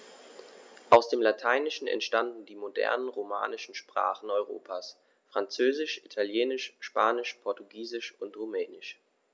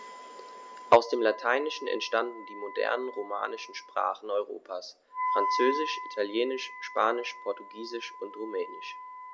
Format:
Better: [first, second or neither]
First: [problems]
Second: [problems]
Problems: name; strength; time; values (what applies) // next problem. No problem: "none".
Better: first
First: none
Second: background sound (Wind instrument, woodwind instrument); 8 dB below the speech